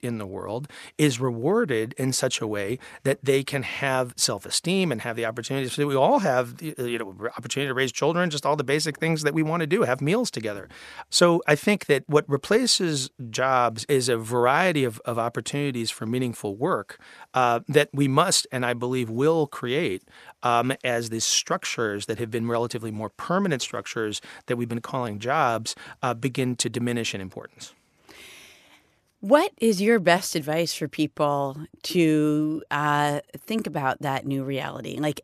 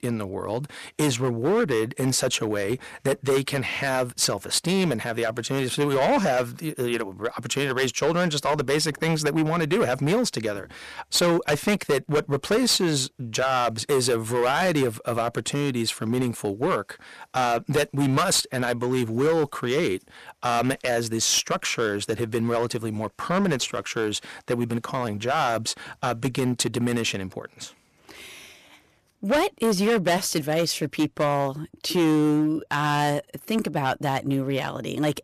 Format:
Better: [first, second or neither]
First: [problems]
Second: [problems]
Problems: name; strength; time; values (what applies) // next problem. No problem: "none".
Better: first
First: none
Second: distortion; heavy; 8% of the sound clipped